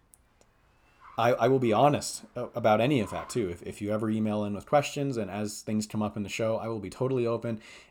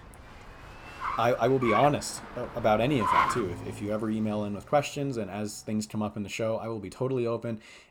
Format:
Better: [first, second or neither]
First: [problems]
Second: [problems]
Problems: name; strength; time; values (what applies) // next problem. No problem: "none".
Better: first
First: traffic noise; faint; throughout; 20 dB below the speech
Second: traffic noise; loud; throughout; 3 dB below the speech